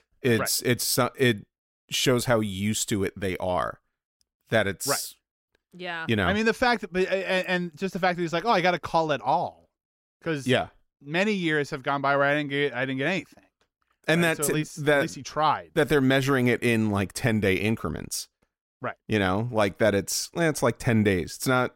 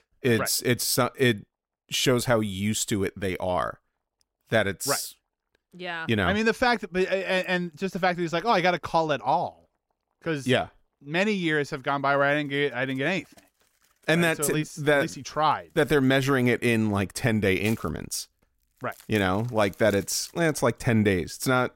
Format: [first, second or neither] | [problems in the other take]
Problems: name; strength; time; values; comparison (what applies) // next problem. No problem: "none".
first | household noises; faint; throughout; 25 dB below the speech